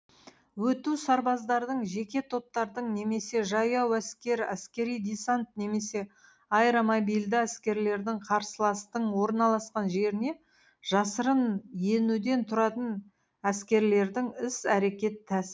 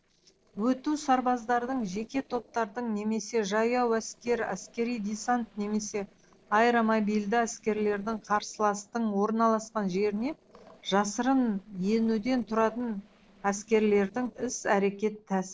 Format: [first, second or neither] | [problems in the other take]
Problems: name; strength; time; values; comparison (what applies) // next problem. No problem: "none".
first | noise reduction (neural separator model SepFormer DNS4)